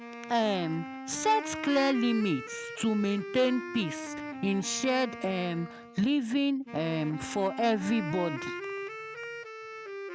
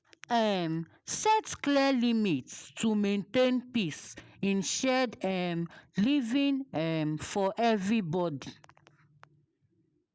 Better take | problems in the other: second | background sound (Wind instrument, woodwind instrument); 9 dB below the speech

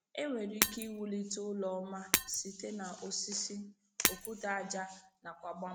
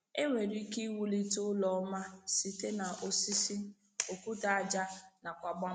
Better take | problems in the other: second | background sound (Shatter); 1 dB above the speech

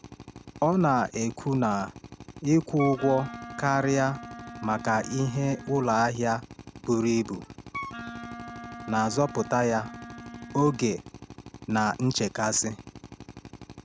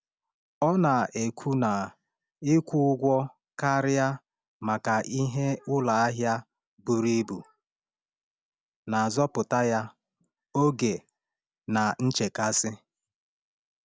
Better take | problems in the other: second | background sound (Drill + Wind instrument, woodwind instrument); 14 dB below the speech

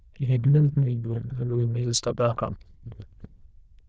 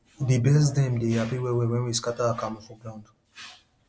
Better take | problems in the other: second | noise reduction (neural diffusion model UNIVERSE++)

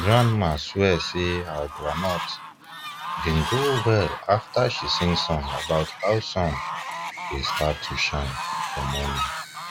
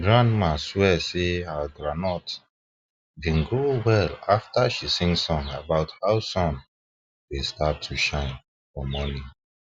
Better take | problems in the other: second | background sound (Fowl); 7 dB below the speech

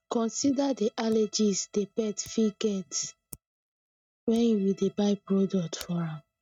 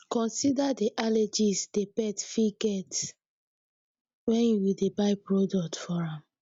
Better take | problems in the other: second | noise reduction (neural mask model RNNoise)

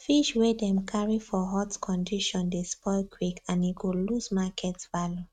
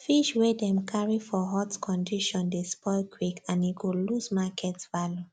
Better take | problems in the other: second | noise reduction (neural mask model RNNoise)

